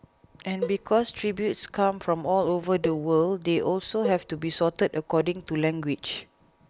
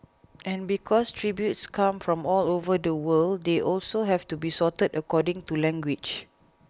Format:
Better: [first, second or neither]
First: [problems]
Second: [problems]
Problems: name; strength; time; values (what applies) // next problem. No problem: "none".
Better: second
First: background sound (Cowbell); 11 dB below the speech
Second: none